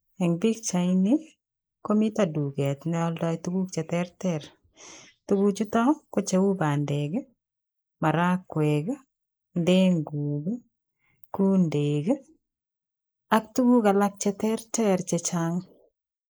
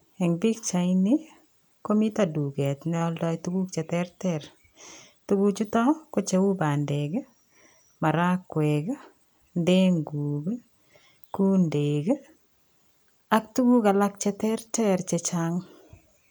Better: second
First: noise reduction (neural mask model Resemble Enhance denoiser)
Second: none

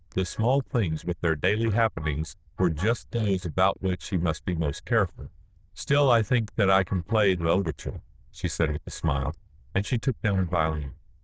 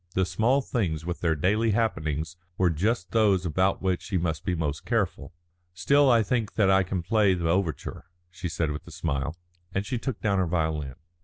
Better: second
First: noise reduction (neural diffusion model UNIVERSE++)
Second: none

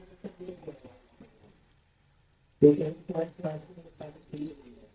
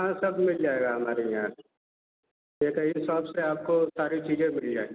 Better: second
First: noise reduction (neural mask model DeepFilterNet 3)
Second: none

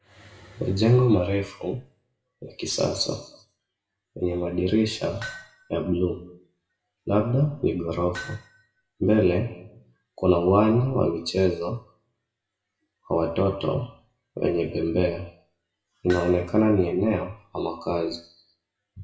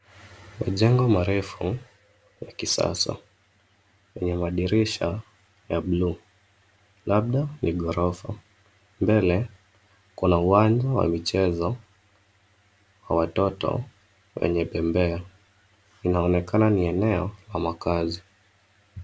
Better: second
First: noise reduction (classical method WPE with log-MMSE)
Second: none

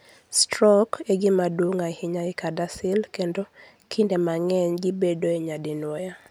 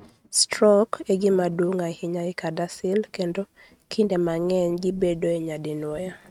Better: first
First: none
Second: noise reduction (neural mask model RNNoise)

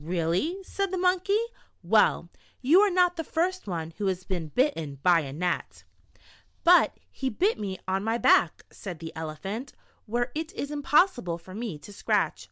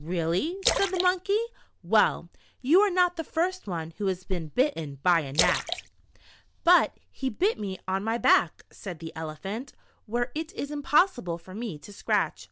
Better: first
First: none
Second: background sound (Splash, splatter); 7 dB below the speech

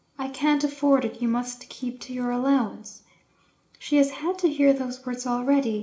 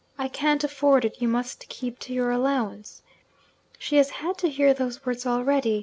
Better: second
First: room echo; dies away in 0.4 s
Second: none

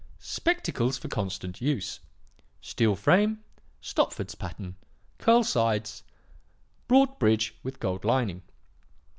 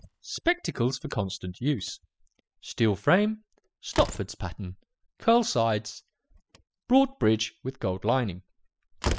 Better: first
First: none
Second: noise reduction (classical method spectral subtraction)

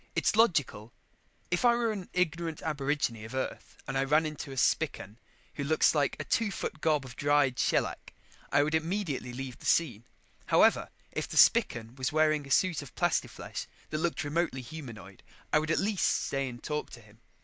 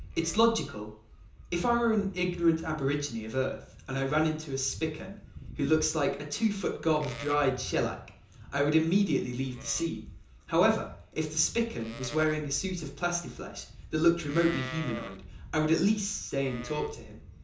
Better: first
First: none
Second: background sound (Livestock, farm animals, working animals); 16 dB below the speech // room echo; dies away in 0.6 s

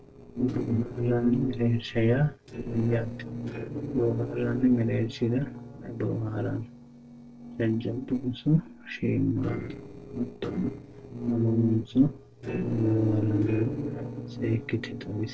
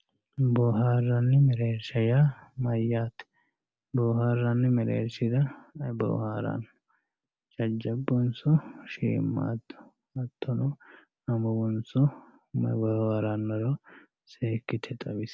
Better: second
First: noise reduction (neural separator model SepFormer DNS4)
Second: none

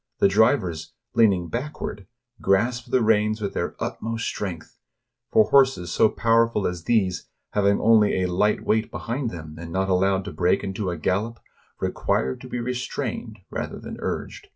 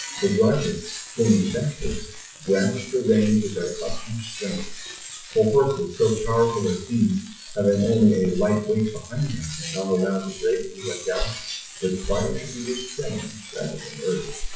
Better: first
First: none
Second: noise reduction (classical method WPE with log-MMSE)

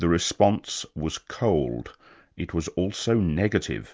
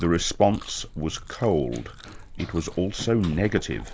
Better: first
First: none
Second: background sound (Run + Chewing, mastication); 13 dB below the speech

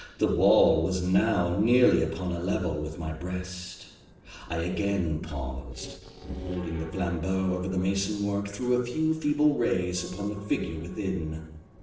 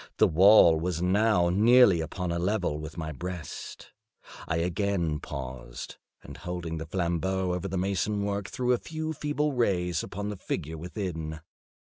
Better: second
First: noise reduction (neural separator model SepFormer DNS4)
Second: none

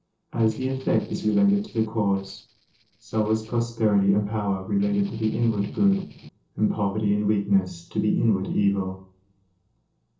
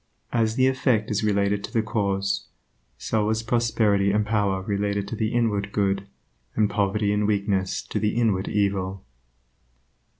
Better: second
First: noise reduction (neural separator model SepFormer DNS4)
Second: none

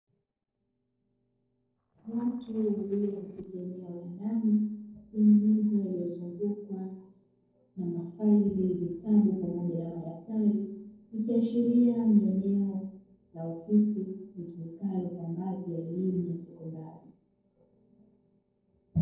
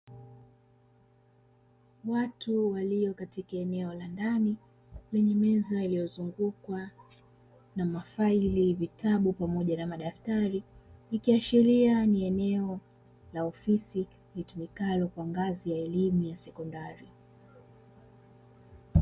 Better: second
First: noise reduction (neural separator model SepFormer DNS4)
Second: none

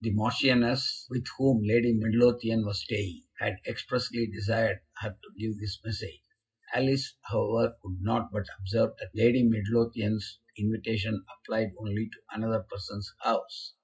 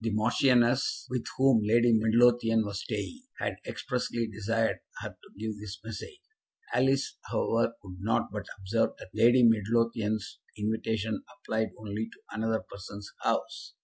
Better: second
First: room echo; dies away in 0.2 s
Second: none

